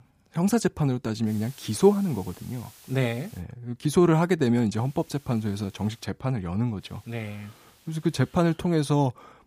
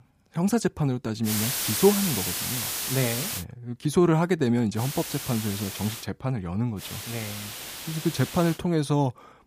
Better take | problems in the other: first | hiss; loud; from 1.5 to 3.5 s, from 5 to 6 s and from 7 to 8.5 s; 4 dB below the speech; faint in the first

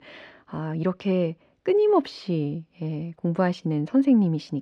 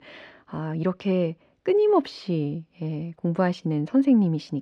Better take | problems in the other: neither | muffled; slightly; fading above 3 kHz; the same in both

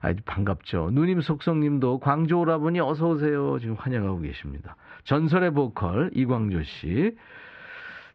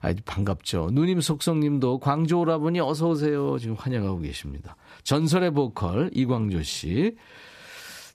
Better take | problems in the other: second | muffled; very; fading above 3 kHz

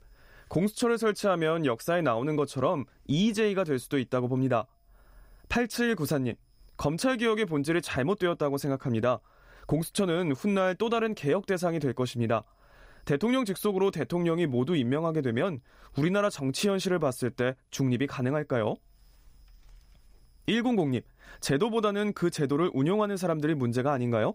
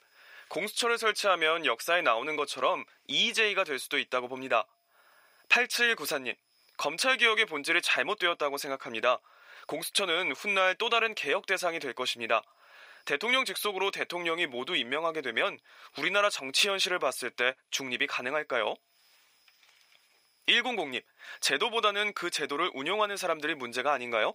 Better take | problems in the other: first | thin; very; fading below 650 Hz

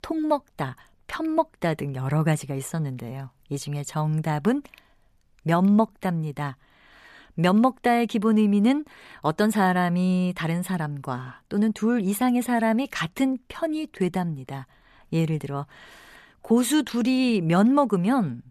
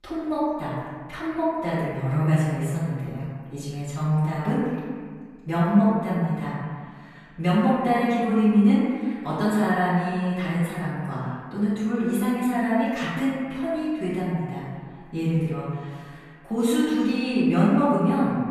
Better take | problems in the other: first | off-mic speech; far // room echo; strong; dies away in 1.7 s

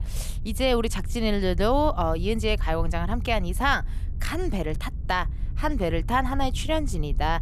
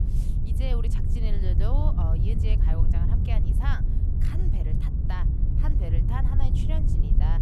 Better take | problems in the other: first | low rumble; loud; throughout; 1 dB below the speech; faint in the first

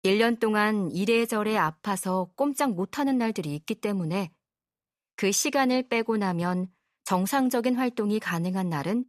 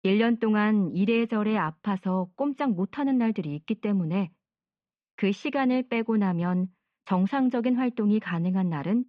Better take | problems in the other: first | muffled; very; fading above 3 kHz

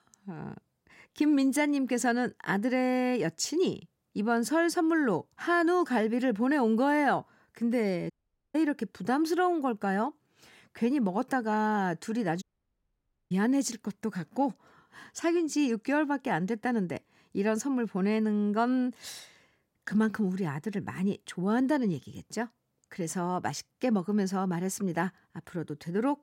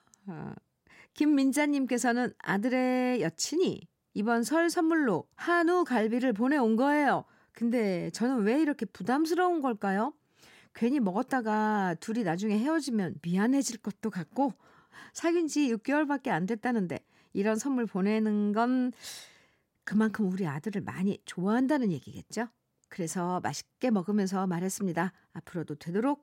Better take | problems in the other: second | audio cutting out; at 8 s and at 12 s for 1 s

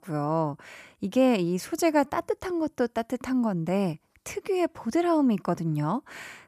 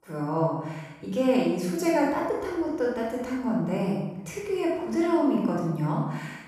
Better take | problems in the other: first | off-mic speech; far // room echo; strong; dies away in 0.9 s

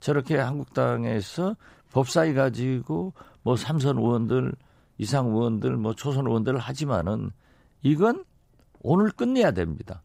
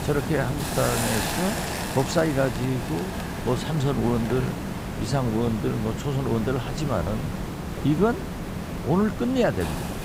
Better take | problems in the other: first | hiss; loud; throughout; 4 dB below the speech

